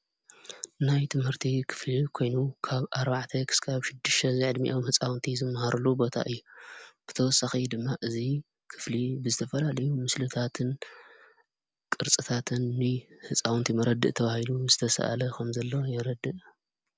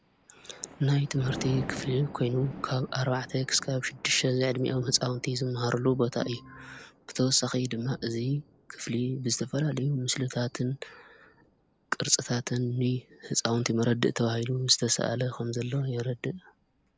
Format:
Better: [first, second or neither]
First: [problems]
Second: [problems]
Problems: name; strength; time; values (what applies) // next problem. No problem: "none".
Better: first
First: none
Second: background sound (Organ + Thunder); 17 dB below the speech